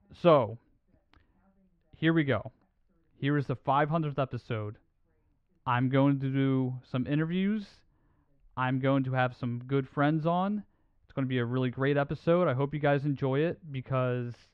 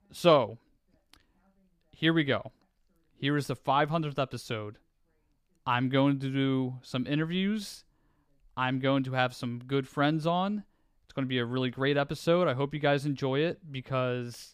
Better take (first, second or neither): second